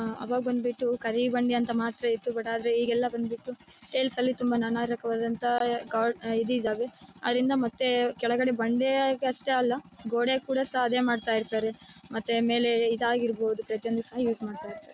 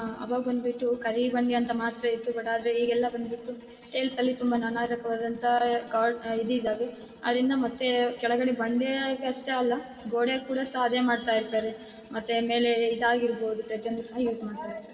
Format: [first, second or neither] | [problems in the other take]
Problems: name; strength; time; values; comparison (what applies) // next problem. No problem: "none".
first | room echo; dies away in 2.6 s